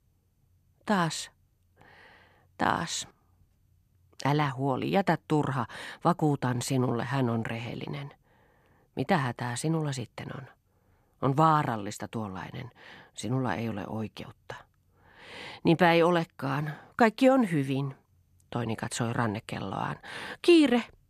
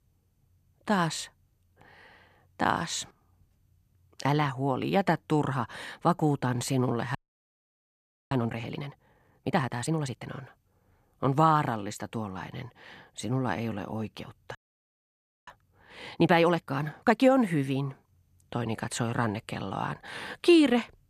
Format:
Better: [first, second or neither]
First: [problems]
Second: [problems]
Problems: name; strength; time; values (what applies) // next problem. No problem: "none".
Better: first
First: none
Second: audio freezing; at 7 s for 1 s and at 15 s for 1 s